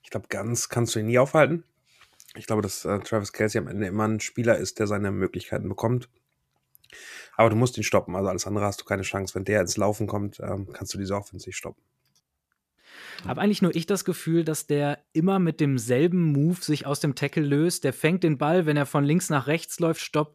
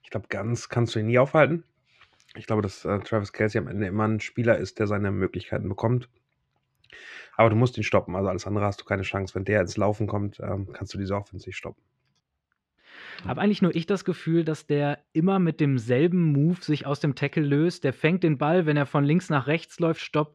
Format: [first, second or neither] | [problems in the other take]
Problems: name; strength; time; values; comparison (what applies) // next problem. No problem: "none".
first | muffled; slightly; fading above 3 kHz